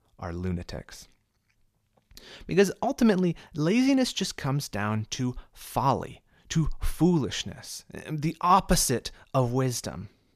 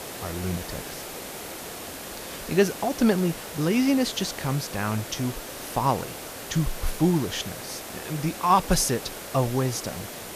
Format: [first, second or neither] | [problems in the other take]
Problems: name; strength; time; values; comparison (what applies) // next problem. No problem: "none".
first | hiss; loud; throughout; 10 dB below the speech